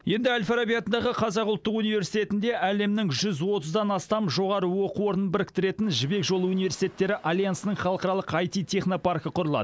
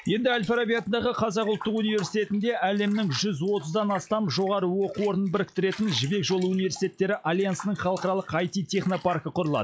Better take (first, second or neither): first